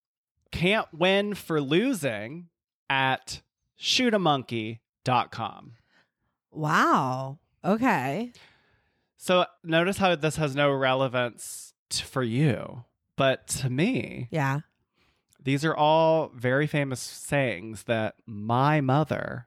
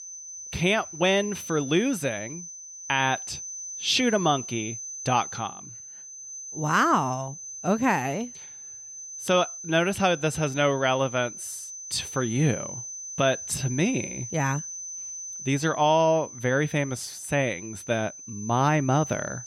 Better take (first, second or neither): first